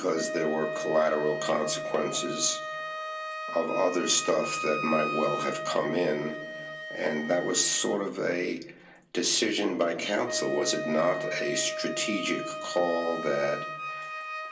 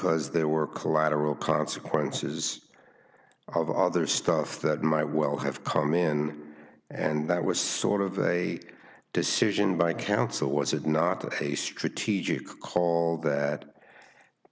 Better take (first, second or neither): second